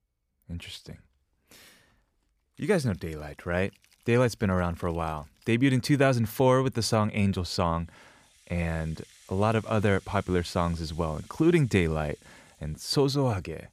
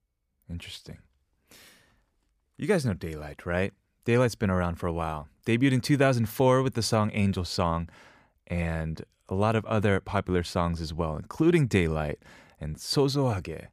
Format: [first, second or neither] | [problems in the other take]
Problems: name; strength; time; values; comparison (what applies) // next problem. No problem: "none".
second | background music; faint; throughout; 30 dB below the speech